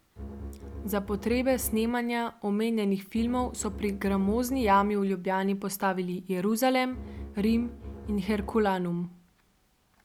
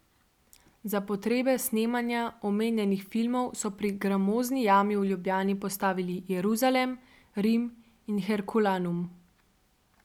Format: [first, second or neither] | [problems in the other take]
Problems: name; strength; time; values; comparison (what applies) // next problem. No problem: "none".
second | background sound (Bowed string instrument); 12 dB below the speech